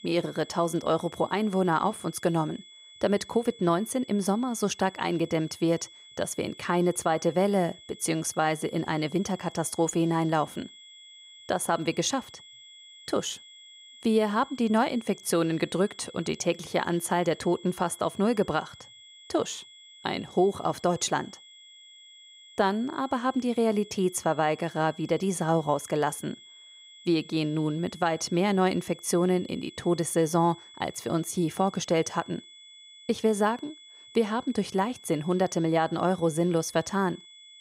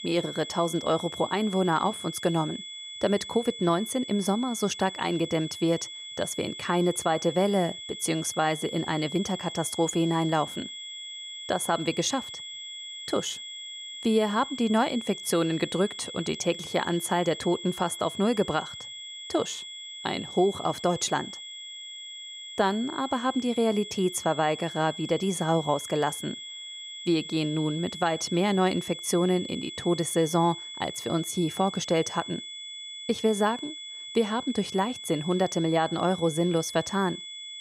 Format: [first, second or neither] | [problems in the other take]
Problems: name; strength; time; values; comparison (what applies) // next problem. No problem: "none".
first | high-pitched whine; loud; throughout; 3.5 kHz, 10 dB below the speech; faint in the first